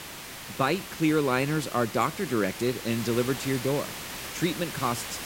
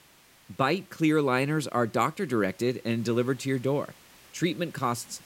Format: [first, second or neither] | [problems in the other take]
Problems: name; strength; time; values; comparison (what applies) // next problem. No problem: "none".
second | hiss; loud; throughout; 9 dB below the speech; faint in the second